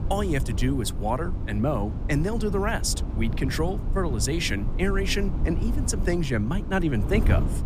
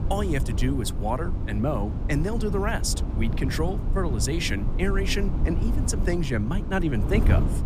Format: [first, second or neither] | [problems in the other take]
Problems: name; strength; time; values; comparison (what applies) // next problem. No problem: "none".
first | wind noise on the microphone; heavy; 9 dB below the speech; occasional gusts in the first